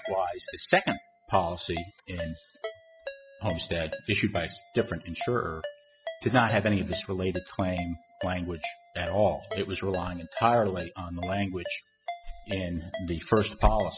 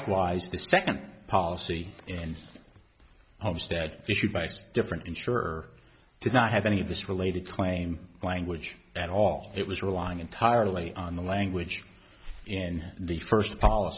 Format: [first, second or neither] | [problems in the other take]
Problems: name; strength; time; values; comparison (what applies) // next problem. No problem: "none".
second | noise reduction (classical method spectral subtraction)